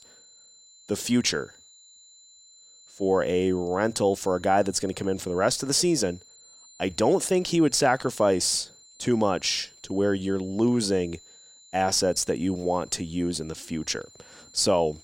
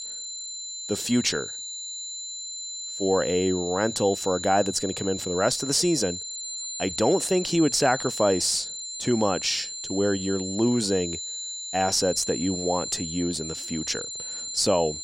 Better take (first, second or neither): first